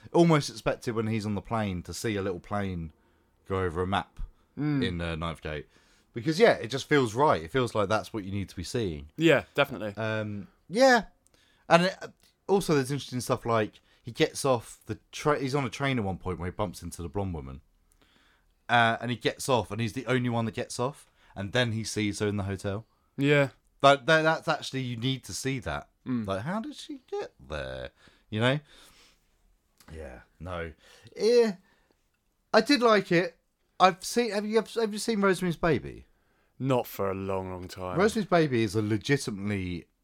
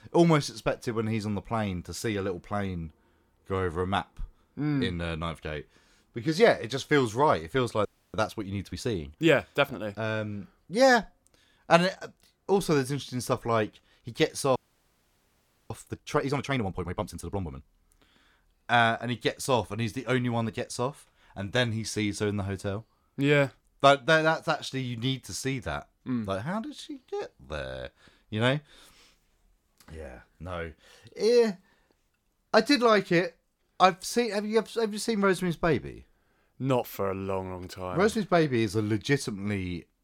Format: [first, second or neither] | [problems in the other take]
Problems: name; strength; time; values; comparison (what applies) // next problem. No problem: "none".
first | audio freezing; at 8 s and at 15 s for 1 s